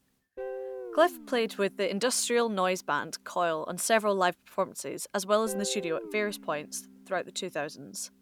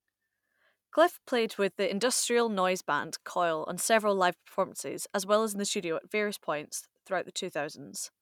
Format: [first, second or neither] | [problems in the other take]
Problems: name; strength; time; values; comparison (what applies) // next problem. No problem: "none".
second | background sound (Guitar); 15 dB below the speech